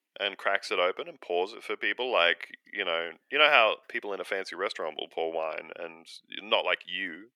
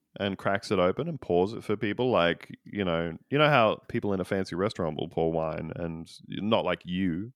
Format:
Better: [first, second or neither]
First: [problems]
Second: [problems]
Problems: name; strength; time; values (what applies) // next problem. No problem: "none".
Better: second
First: thin; very; fading below 450 Hz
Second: none